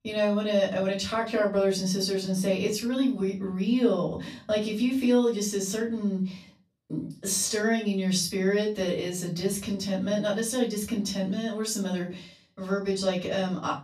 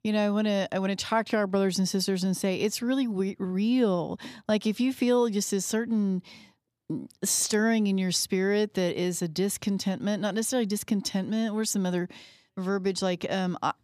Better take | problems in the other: second | off-mic speech; far // room echo; slight; dies away in 0.3 s

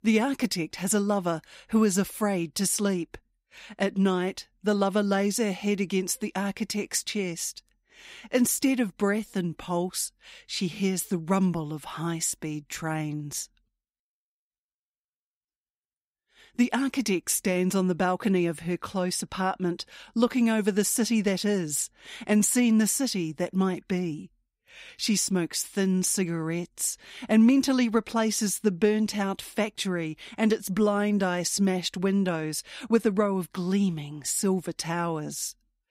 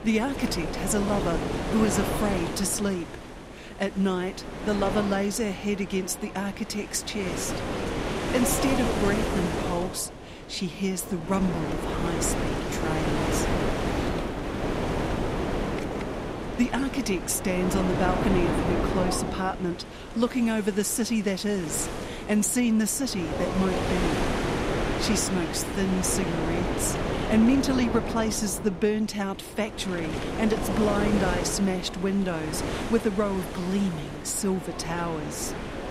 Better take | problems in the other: first | wind noise on the microphone; heavy; 1 dB below the speech

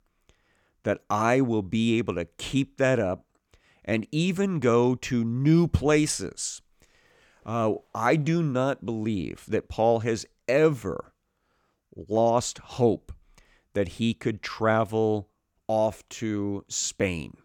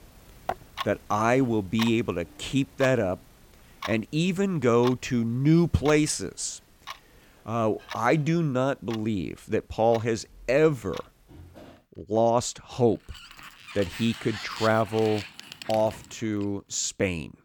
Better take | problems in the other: first | household noises; noticeable; throughout; 15 dB below the speech

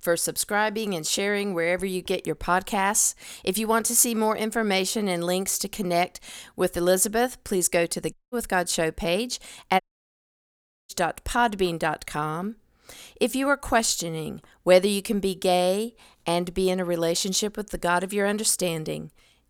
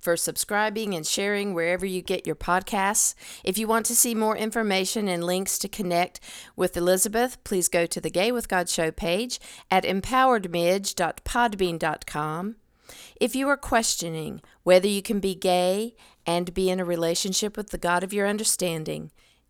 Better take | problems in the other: second | audio cutting out; at 8 s and at 10 s for 1 s

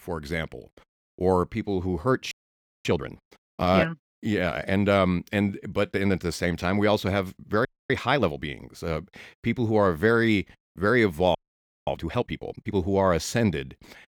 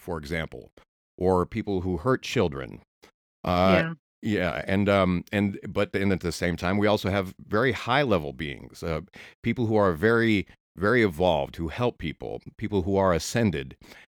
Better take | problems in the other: second | audio freezing; at 2.5 s for 0.5 s, at 7.5 s and at 11 s for 0.5 s

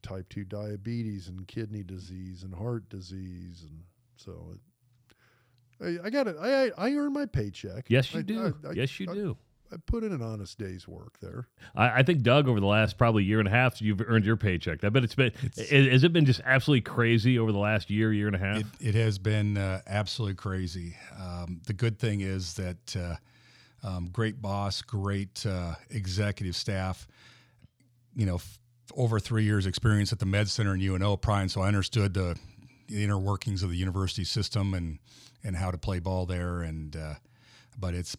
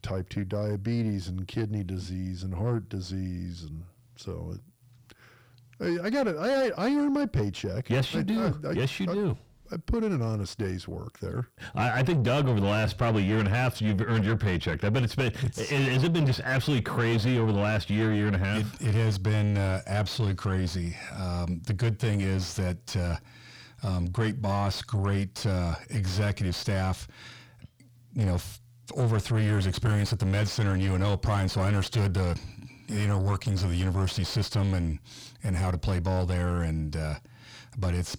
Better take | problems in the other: first | distortion; heavy; 6 dB below the speech

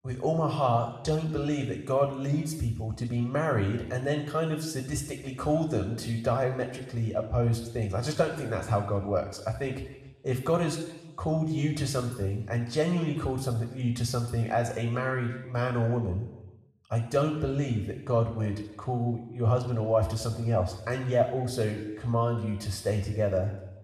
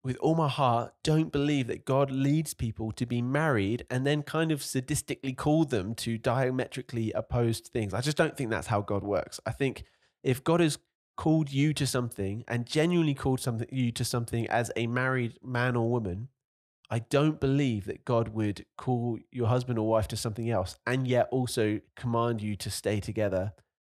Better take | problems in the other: second | room echo; noticeable; dies away in 0.9 s // off-mic speech; somewhat distant

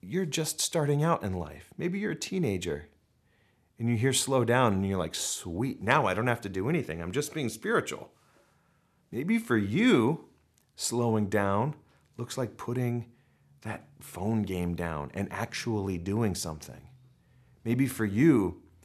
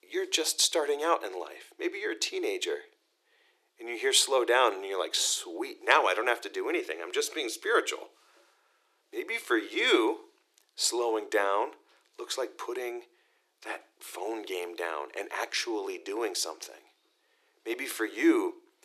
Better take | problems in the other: first | thin; very; fading below 350 Hz

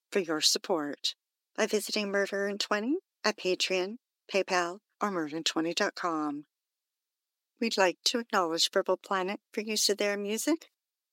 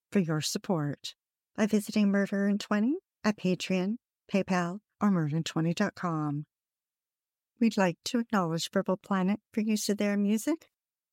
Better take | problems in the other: second | thin; somewhat; fading below 300 Hz

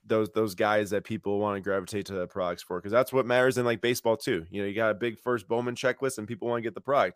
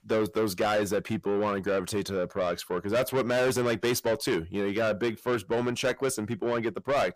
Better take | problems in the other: first | distortion; heavy; 7 dB below the speech

